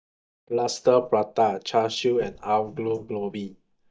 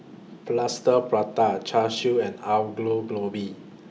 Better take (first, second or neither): second